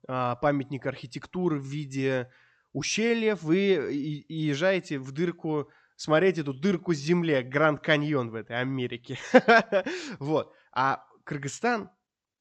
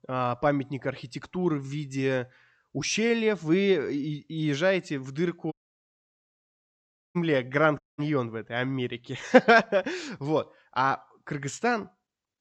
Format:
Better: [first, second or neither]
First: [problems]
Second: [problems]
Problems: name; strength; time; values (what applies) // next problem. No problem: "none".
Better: first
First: none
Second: audio cutting out; at 5.5 s for 1.5 s and at 8 s